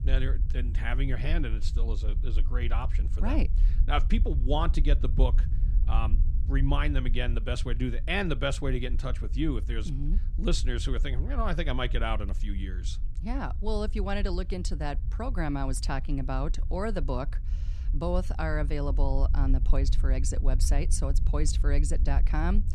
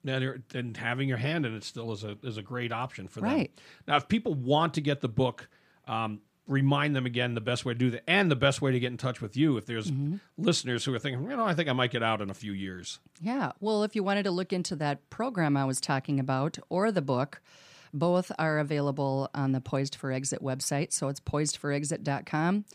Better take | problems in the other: second | low rumble; noticeable; throughout; 15 dB below the speech

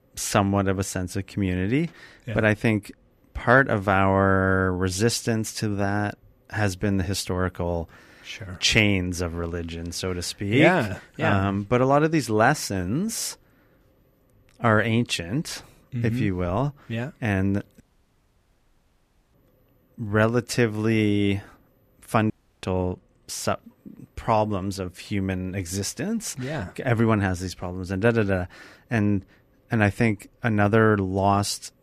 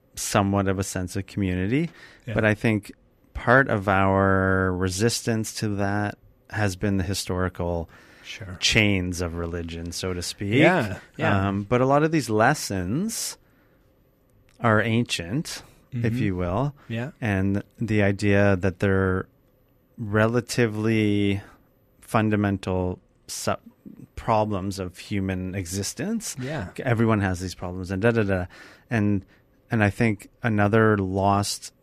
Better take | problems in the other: second | audio cutting out; at 18 s for 1.5 s and at 22 s

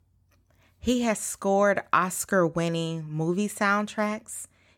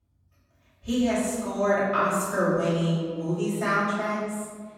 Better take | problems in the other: first | off-mic speech; far // room echo; strong; dies away in 1.5 s

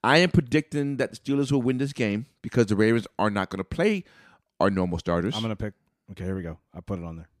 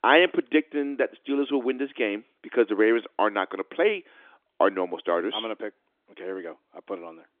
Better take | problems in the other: first | phone-call audio; nothing above 3.5 kHz

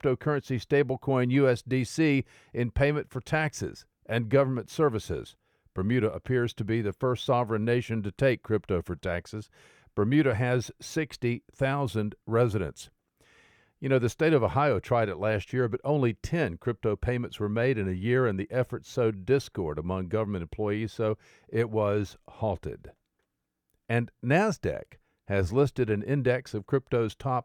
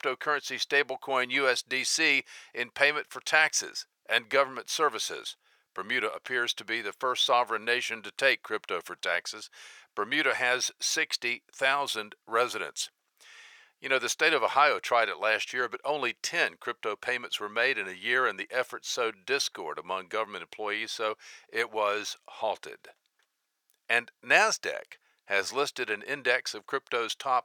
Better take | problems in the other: first | thin; very; fading below 900 Hz

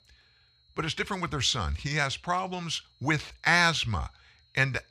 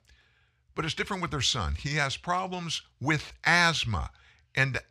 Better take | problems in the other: second | high-pitched whine; faint; throughout; 4 kHz, 35 dB below the speech

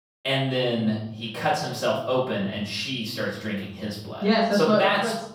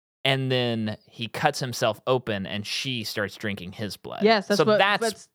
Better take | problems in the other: second | off-mic speech; far // room echo; noticeable; dies away in 0.7 s

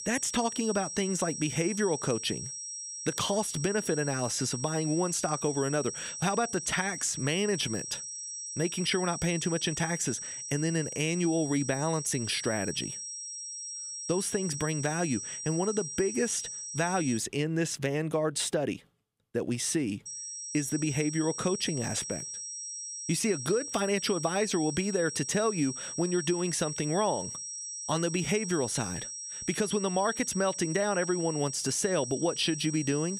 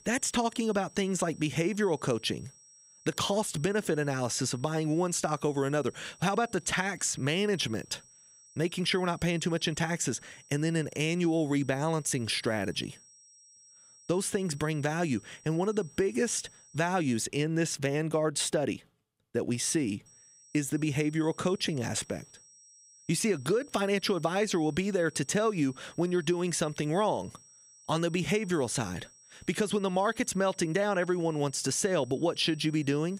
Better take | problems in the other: second | high-pitched whine; loud; until 17 s and from 20 s on; 5.5 kHz, 6 dB below the speech; faint in the second

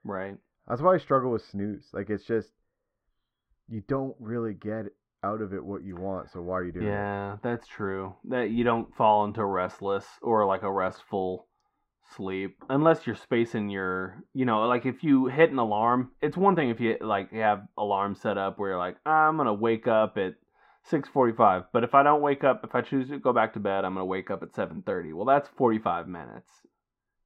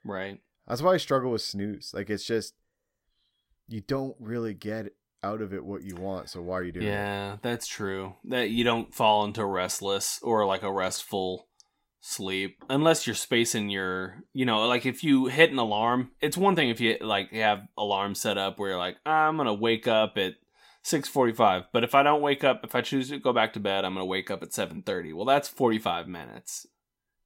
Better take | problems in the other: second | muffled; very; fading above 4 kHz

